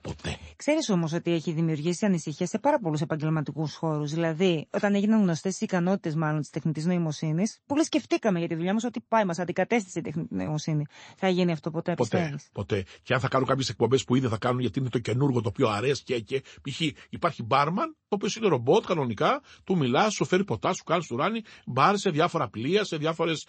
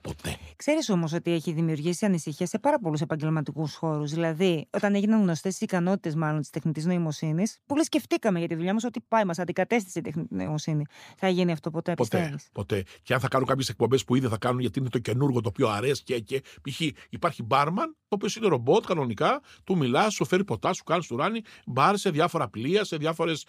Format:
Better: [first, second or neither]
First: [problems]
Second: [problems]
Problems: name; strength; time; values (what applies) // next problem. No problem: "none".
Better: second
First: garbled, watery; slightly; nothing above 8 kHz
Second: none